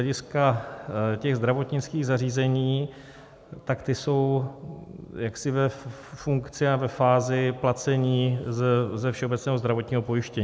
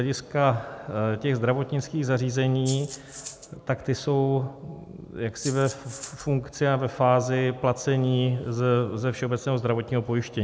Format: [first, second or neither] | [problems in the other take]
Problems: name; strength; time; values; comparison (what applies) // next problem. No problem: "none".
first | background sound (Rattle (instrument)); 14 dB below the speech